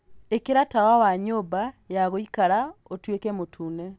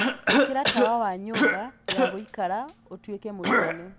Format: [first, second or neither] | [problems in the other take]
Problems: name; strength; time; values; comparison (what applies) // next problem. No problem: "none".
first | background sound (Cough); 4 dB above the speech